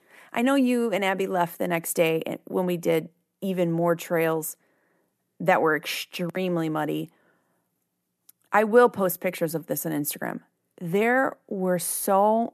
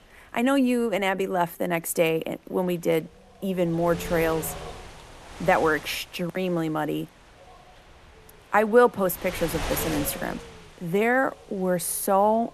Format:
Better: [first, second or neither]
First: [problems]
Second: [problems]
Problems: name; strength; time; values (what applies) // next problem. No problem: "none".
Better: first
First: none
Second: wind noise on the microphone; occasional gusts; 15 dB below the speech